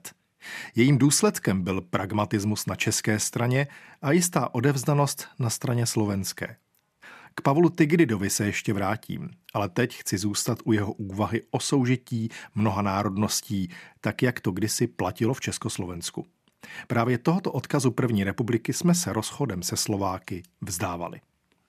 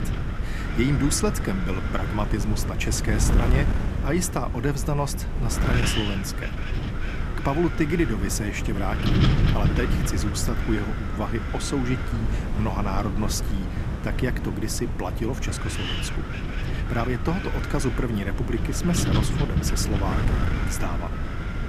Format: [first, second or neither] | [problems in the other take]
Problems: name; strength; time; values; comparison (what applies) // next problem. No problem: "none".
first | wind noise on the microphone; heavy; 3 dB below the speech